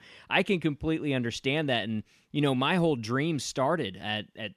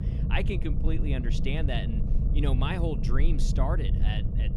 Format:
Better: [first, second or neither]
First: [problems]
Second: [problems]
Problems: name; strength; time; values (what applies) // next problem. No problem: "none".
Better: first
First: none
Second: low rumble; loud; throughout; 7 dB below the speech